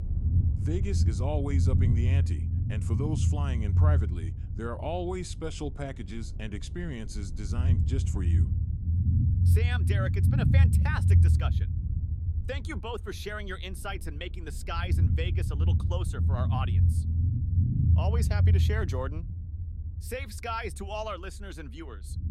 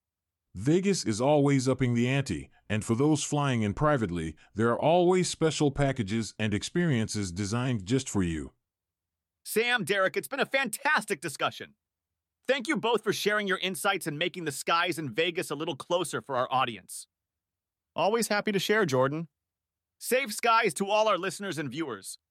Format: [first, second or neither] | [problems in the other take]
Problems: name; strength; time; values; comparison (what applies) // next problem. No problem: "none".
second | low rumble; loud; throughout; 4 dB below the speech